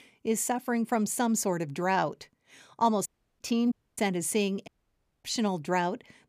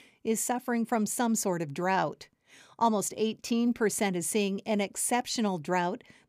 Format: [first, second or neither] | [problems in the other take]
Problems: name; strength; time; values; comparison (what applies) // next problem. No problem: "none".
second | audio cutting out; at 3 s, at 3.5 s and at 4.5 s for 0.5 s